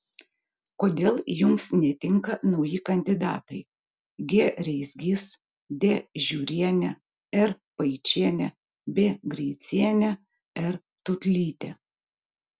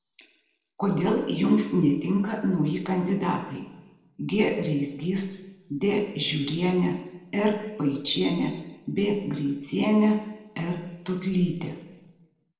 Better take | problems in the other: first | room echo; dies away in 1 s

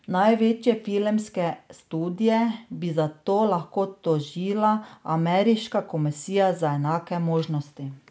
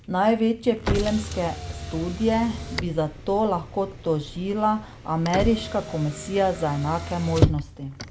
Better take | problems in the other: first | background sound (Motor vehicle (road)); 6 dB below the speech

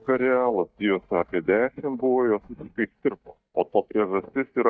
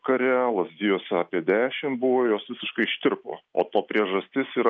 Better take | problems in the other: second | noise reduction (neural mask model DeepFilterNet 3)

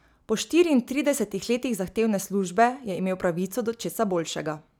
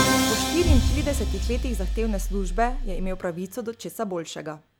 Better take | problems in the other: first | background sound (Musical instrument + Explosion); 4 dB above the speech

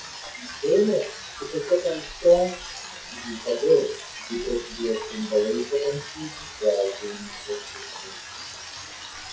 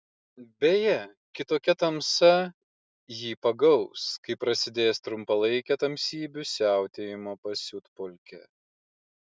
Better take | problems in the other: second | noise reduction (classical method WPE with log-MMSE)

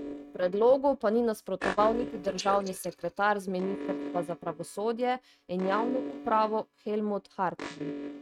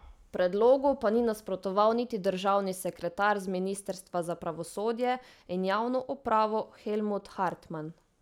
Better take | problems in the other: second | noise reduction (neural mask model RNNoise)

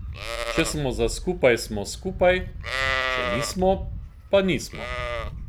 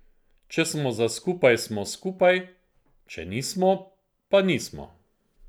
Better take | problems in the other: second | background sound (Livestock, farm animals, working animals); 5 dB below the speech

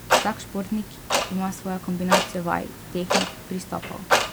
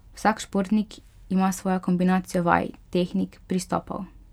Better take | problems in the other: second | background sound (Clock); 3 dB above the speech

